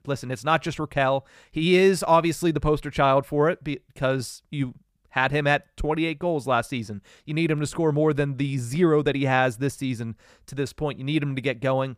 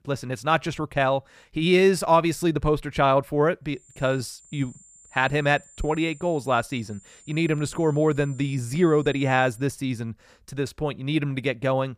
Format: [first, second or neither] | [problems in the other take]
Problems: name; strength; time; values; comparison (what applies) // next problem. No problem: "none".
first | high-pitched whine; faint; from 4 to 9.5 s; 7 kHz, 25 dB below the speech